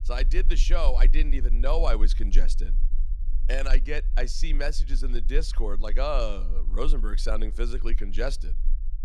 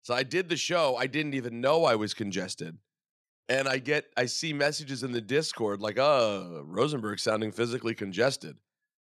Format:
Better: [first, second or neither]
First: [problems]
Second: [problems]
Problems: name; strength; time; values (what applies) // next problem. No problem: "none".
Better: second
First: low rumble; faint; throughout; 20 dB below the speech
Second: none